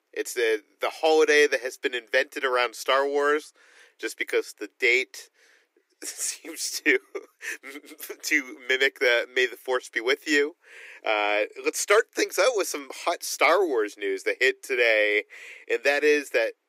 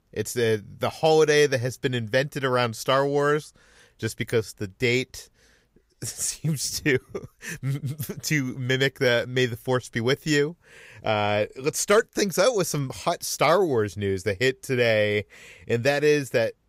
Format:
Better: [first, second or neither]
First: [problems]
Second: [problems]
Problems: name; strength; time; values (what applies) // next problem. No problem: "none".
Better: second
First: thin; somewhat; fading below 300 Hz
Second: none